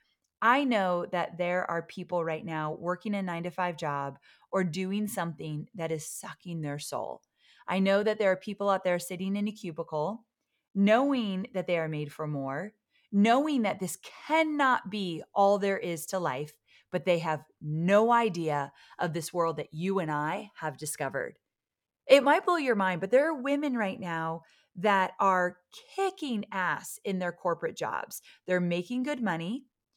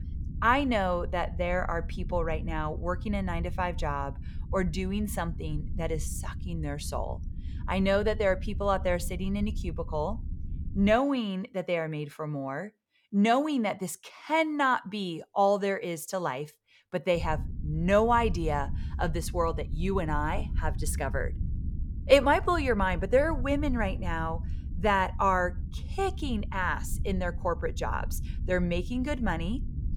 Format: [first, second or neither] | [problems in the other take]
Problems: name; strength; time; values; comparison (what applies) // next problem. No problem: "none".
first | low rumble; faint; until 11 s and from 17 s on; 25 dB below the speech